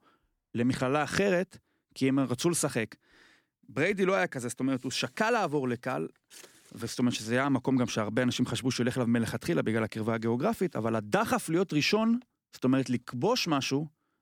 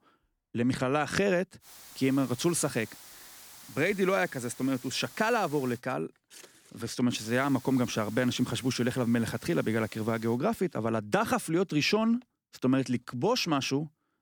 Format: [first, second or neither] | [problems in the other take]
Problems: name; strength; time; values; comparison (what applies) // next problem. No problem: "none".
first | hiss; noticeable; from 1.5 to 6 s and from 7 to 10 s; 20 dB below the speech